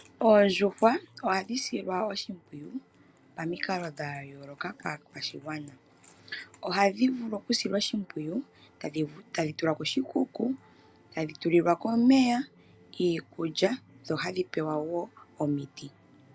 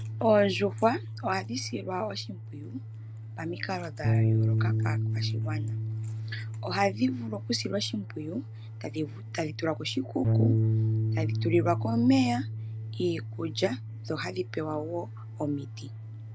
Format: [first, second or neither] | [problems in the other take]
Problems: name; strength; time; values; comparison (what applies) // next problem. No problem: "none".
first | background sound (Bass guitar); as loud as the speech